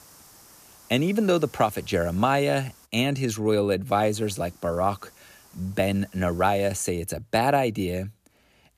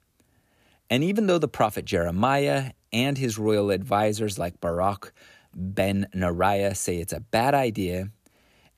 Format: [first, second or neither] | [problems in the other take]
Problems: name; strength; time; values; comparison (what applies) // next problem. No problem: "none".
second | hiss; faint; until 3 s and from 4 to 7 s; 25 dB below the speech